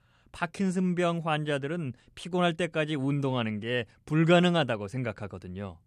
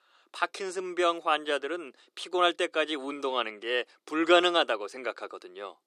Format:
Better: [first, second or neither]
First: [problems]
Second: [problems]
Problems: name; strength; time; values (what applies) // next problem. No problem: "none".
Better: first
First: none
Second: thin; very; fading below 350 Hz